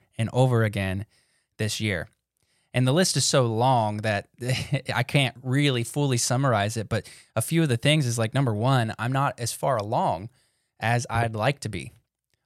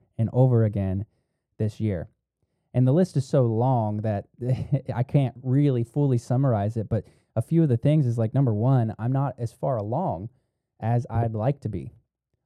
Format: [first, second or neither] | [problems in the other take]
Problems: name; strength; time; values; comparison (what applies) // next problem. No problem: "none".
first | muffled; very; fading above 1 kHz